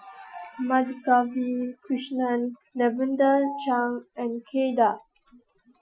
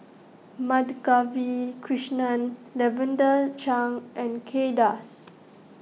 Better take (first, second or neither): second